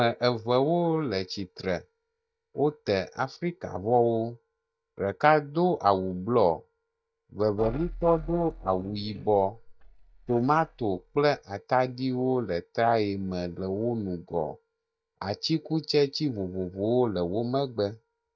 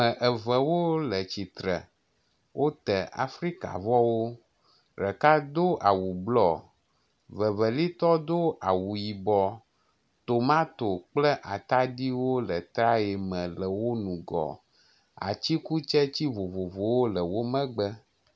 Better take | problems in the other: second | noise reduction (neural mask model DeepFilterNet 3)

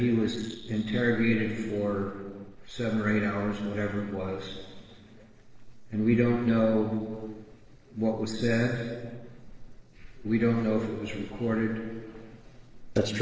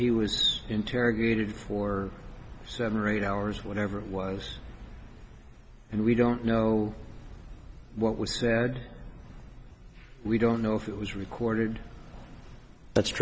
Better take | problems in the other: second | noise reduction (neural separator model SepFormer DNS4)

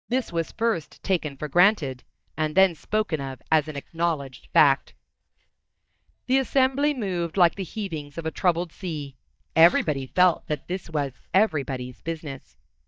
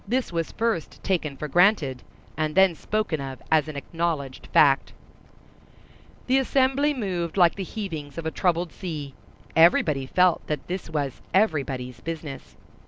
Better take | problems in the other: second | noise reduction (neural mask model DeepFilterNet 3)

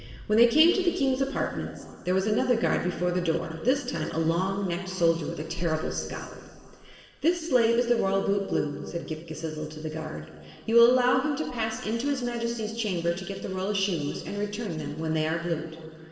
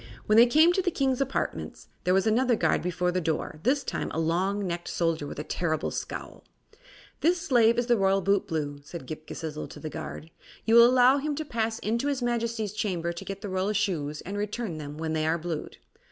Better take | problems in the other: second | room echo; dies away in 2.2 s

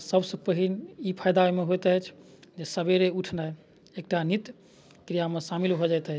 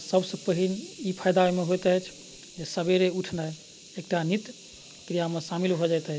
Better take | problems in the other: first | background sound (Hiss); 20 dB below the speech

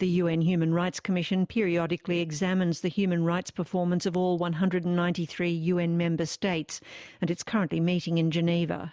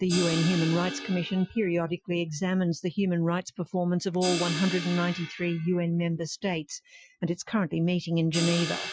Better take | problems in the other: first | noise reduction (classical method Wiener filter)

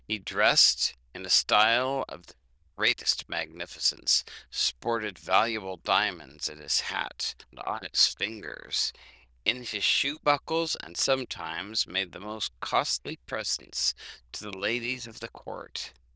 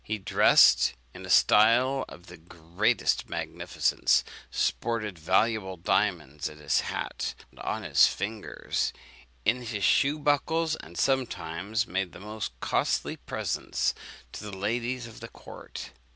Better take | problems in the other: second | noise reduction (neural diffusion model UNIVERSE++)

